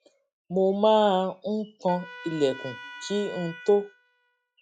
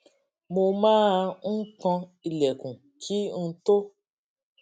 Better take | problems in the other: second | noise reduction (classical method log-MMSE)

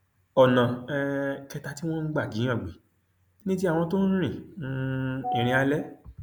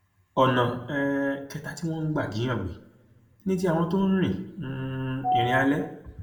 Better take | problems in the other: first | room echo; dies away in 0.5 s

